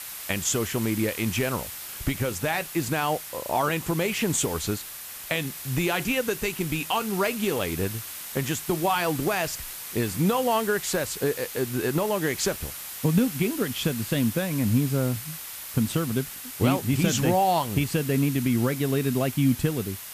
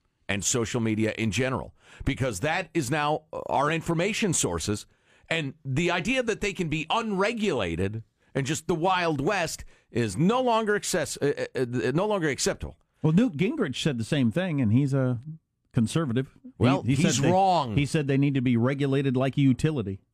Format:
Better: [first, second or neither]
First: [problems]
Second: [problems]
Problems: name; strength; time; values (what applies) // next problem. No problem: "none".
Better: second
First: hiss; loud; throughout; 9 dB below the speech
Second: none